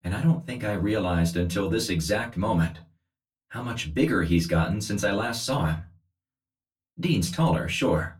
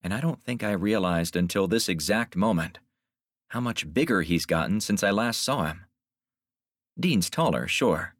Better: second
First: off-mic speech; far // room echo; very slight; dies away in 0.2 s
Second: none

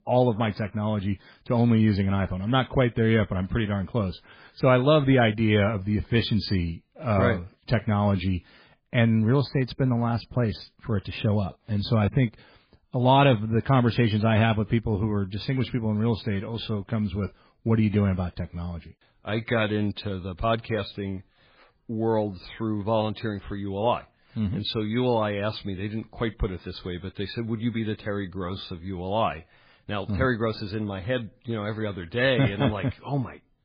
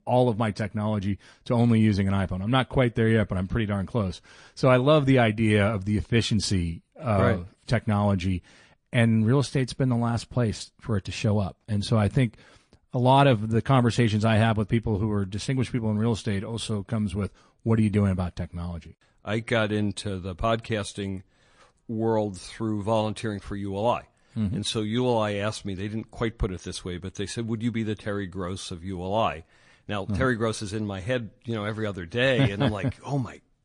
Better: second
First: garbled, watery; badly; nothing above 4.5 kHz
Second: garbled, watery; slightly

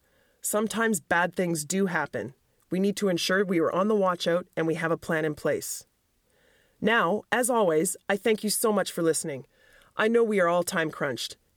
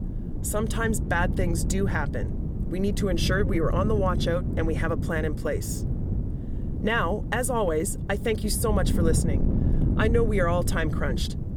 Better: first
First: none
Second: wind noise on the microphone; occasional gusts; 10 dB below the speech

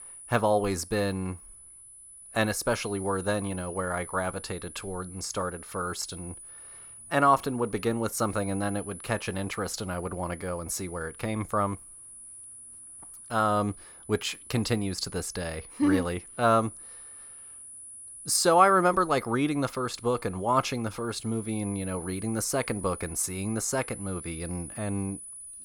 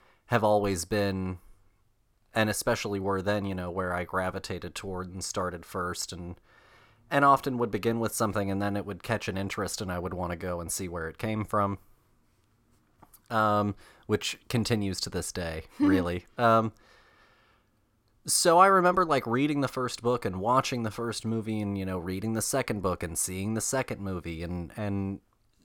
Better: second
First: high-pitched whine; noticeable; throughout; 10 kHz, 15 dB below the speech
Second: none

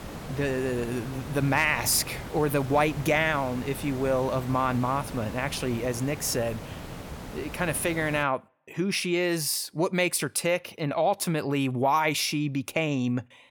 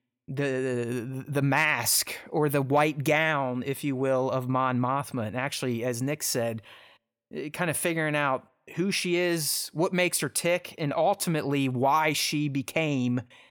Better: second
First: hiss; noticeable; until 8 s; 10 dB below the speech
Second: none

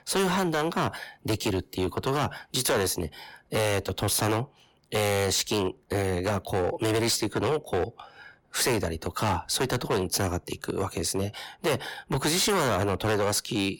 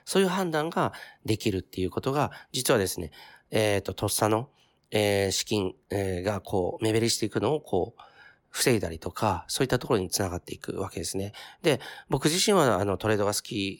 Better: second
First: distortion; heavy; 15% of the sound clipped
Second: none

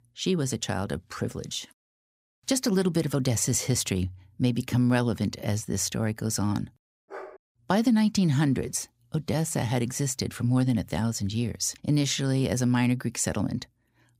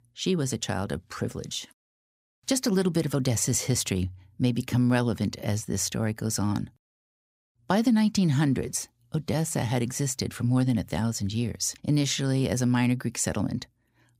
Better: second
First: dog barking; faint; at 7 s; peak 15 dB below the speech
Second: none

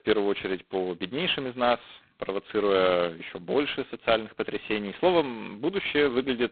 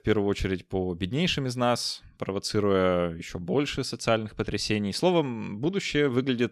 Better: second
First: phone-call audio; poor line; nothing above 3.5 kHz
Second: none

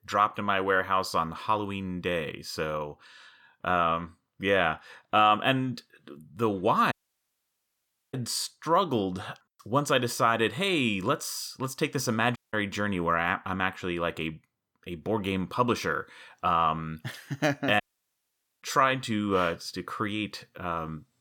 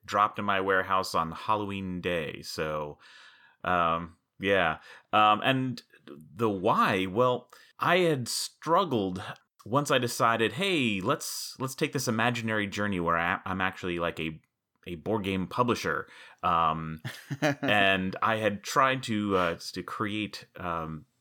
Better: second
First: audio cutting out; at 7 s for 1 s, at 12 s and at 18 s for 1 s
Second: none

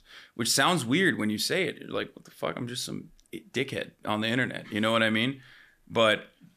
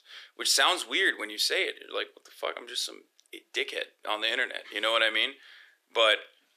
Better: first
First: none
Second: thin; very; fading below 350 Hz

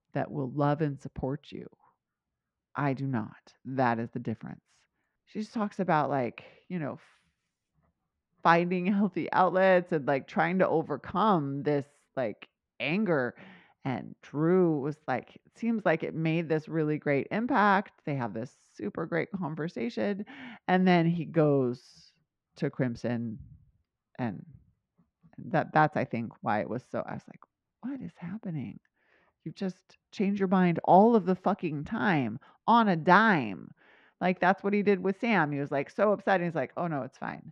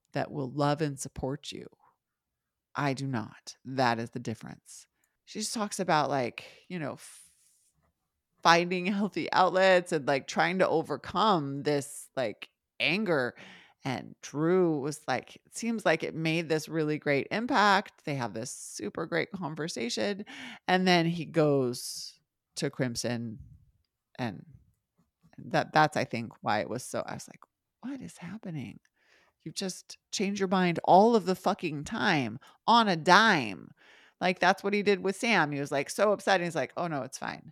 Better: second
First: muffled; very; fading above 2 kHz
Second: none

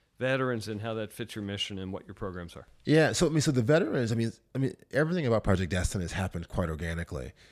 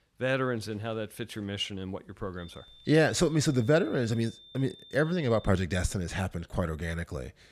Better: first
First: none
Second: high-pitched whine; faint; from 2.5 to 5.5 s; 3.5 kHz, 20 dB below the speech

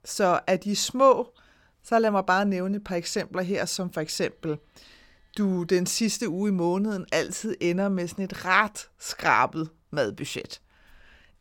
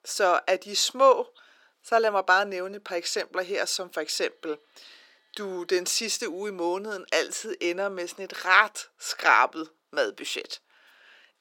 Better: first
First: none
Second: thin; very; fading below 350 Hz

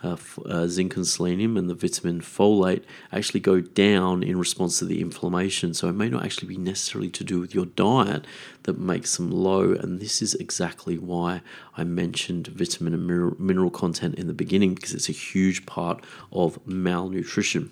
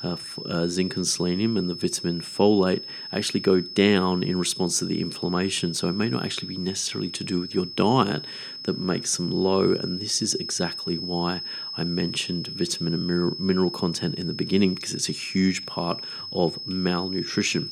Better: first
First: none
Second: high-pitched whine; loud; throughout; 5 kHz, 8 dB below the speech

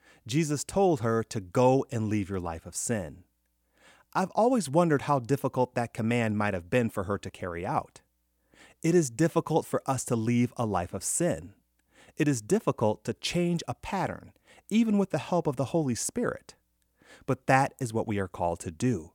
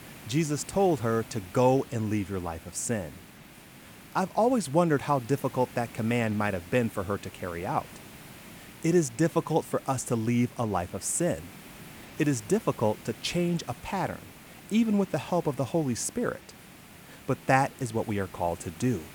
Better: first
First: none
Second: hiss; noticeable; throughout; 20 dB below the speech

